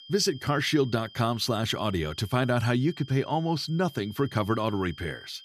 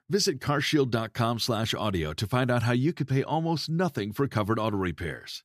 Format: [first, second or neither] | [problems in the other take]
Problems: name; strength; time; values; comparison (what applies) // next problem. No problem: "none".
second | high-pitched whine; noticeable; throughout; 3 kHz, 20 dB below the speech